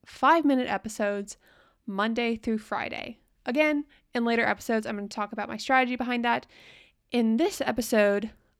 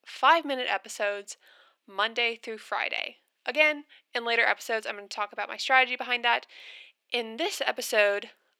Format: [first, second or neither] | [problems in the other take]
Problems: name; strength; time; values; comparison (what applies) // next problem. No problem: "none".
first | thin; very; fading below 450 Hz